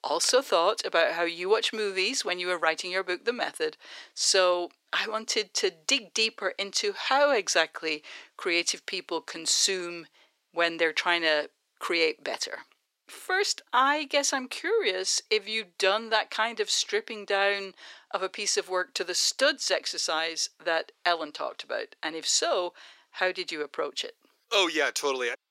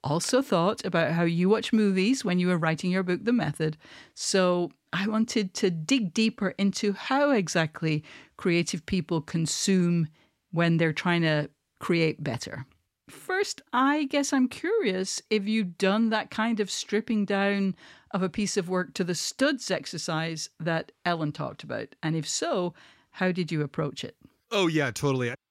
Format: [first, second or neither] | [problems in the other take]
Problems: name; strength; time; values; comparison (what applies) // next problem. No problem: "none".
second | thin; very; fading below 400 Hz